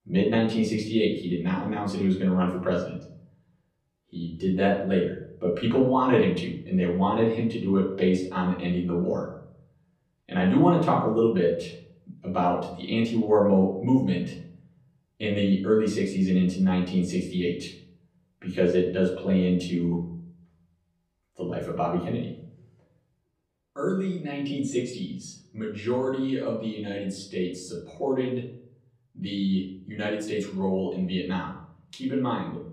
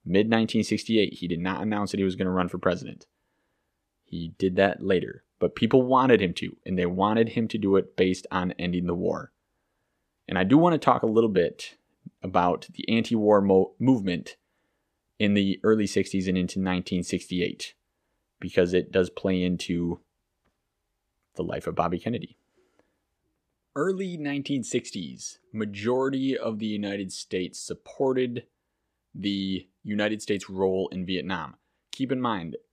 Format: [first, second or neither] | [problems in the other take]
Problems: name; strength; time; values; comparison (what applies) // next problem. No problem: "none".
second | off-mic speech; far // room echo; slight; dies away in 0.7 s